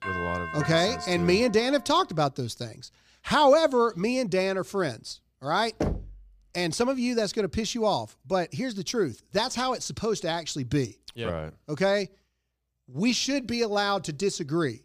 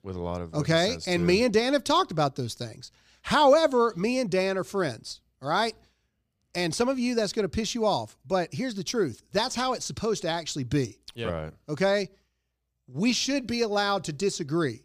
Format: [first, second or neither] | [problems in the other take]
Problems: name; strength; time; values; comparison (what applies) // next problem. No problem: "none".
second | doorbell; noticeable; until 2 s; peak 5 dB below the speech // door banging; noticeable; at 6 s; peak 5 dB below the speech